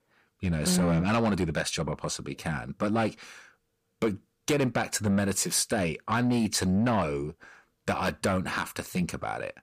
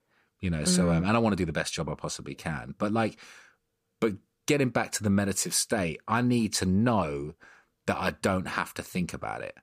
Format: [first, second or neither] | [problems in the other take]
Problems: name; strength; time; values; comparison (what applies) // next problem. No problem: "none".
second | distortion; slight; 10 dB below the speech